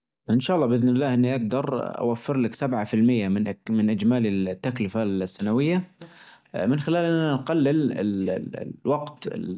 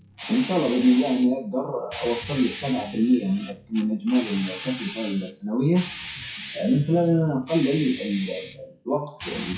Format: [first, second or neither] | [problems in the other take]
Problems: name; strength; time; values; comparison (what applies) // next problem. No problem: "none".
first | noise reduction (classical method WPE with log-MMSE)